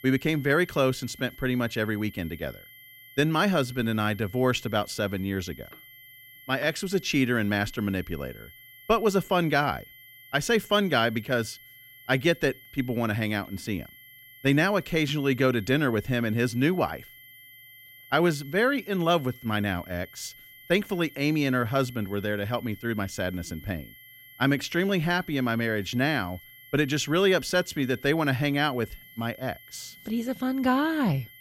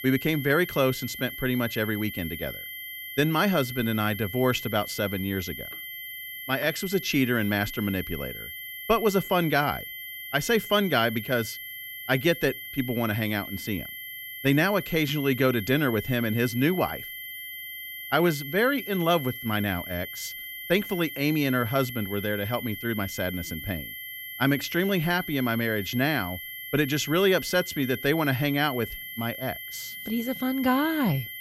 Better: first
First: high-pitched whine; faint; throughout; 2 kHz, 20 dB below the speech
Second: high-pitched whine; loud; throughout; 2 kHz, 9 dB below the speech

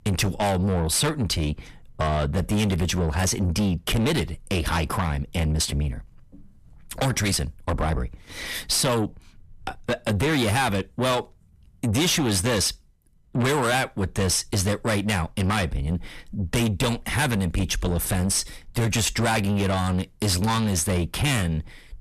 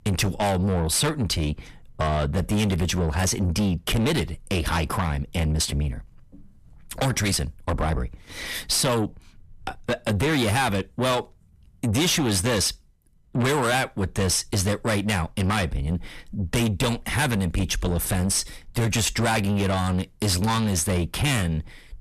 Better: neither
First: distortion; heavy; 7 dB below the speech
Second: distortion; heavy; 7 dB below the speech

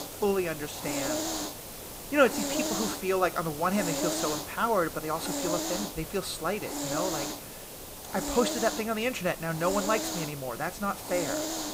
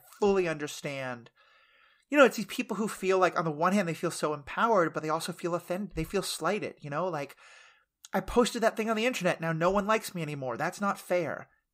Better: second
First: hiss; loud; throughout; 3 dB below the speech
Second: none

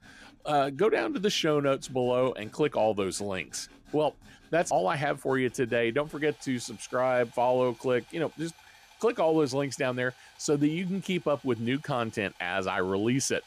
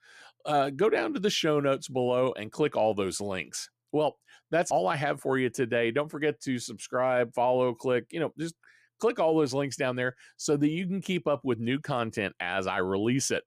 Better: second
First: machinery noise; faint; throughout; 25 dB below the speech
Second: none

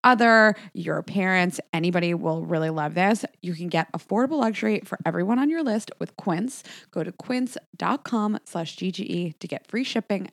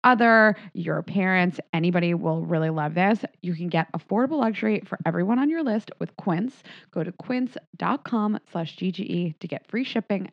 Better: first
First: none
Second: muffled; very slightly; fading above 3.5 kHz

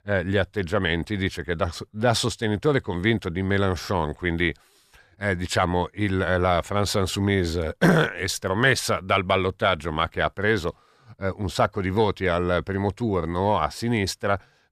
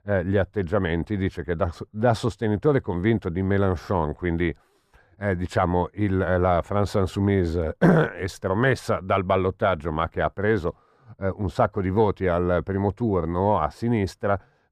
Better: first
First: none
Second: muffled; slightly; fading above 2 kHz

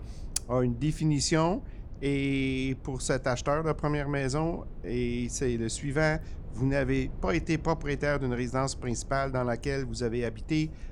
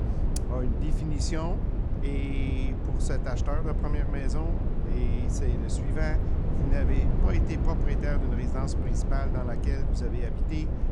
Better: first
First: low rumble; faint; throughout; 25 dB below the speech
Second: low rumble; loud; throughout; 2 dB below the speech

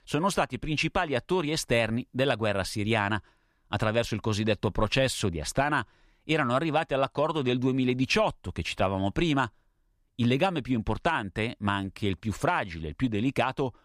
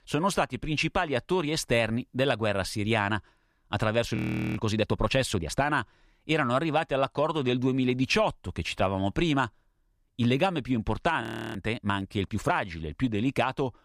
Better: first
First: none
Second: audio freezing; at 4 s and at 11 s

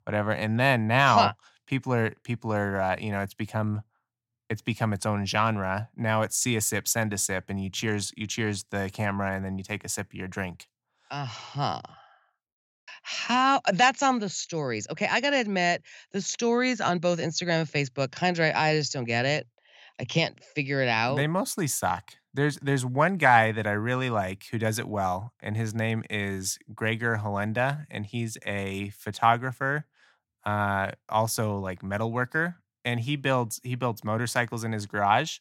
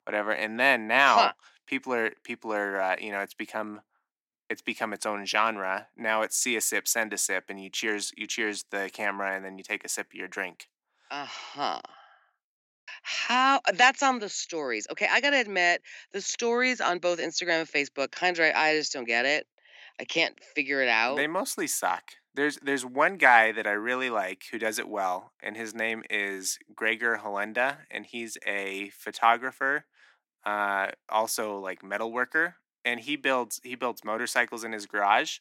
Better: first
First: none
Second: thin; somewhat; fading below 300 Hz

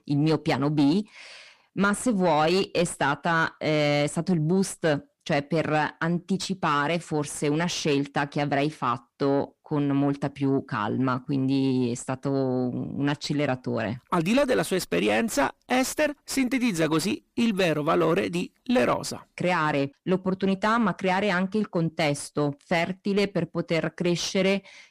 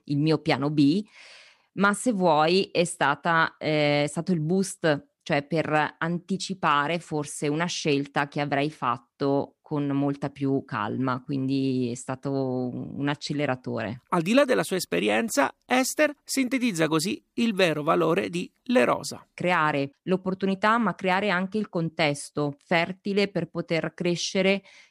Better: second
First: distortion; slight; 10 dB below the speech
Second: none

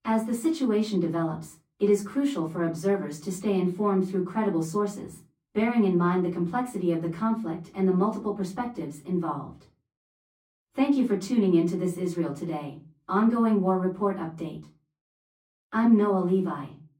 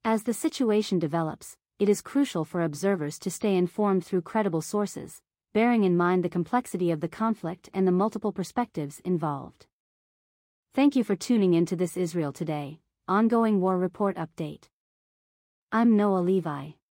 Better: second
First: off-mic speech; far // room echo; very slight; dies away in 0.3 s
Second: none

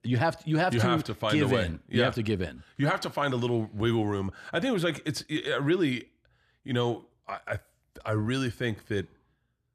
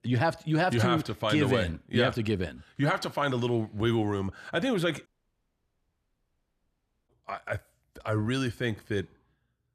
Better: first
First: none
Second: audio cutting out; at 5 s for 2 s

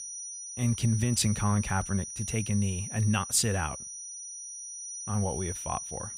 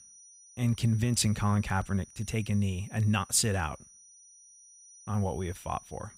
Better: second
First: high-pitched whine; loud; throughout; 6 kHz, 8 dB below the speech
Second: high-pitched whine; faint; throughout; 6 kHz, 20 dB below the speech

